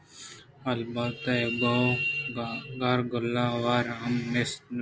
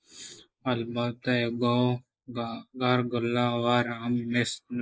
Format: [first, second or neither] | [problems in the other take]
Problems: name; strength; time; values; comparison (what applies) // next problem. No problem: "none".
first | noise reduction (neural mask model Resemble Enhance denoiser)